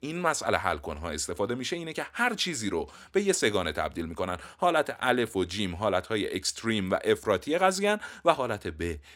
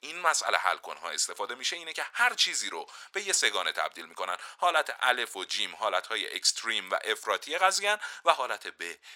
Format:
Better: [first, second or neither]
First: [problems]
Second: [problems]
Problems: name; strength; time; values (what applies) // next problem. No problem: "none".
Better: first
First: none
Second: thin; very; fading below 950 Hz